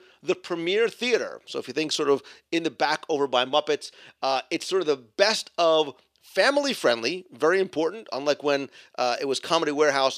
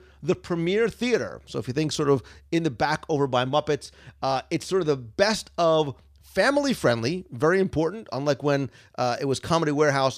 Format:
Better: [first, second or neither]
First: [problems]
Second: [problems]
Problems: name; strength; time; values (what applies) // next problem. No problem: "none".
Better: second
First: thin; very slightly; fading below 400 Hz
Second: none